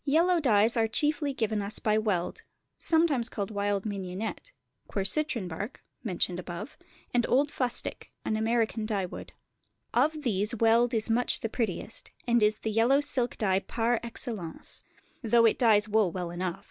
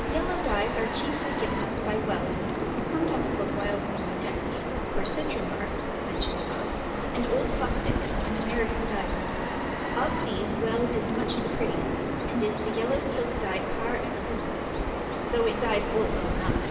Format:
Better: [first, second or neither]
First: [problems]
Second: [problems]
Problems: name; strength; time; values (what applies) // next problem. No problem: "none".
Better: first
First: none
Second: background sound (Bird vocalization, bird call, bird song); 3 dB above the speech // room echo; dies away in 2 s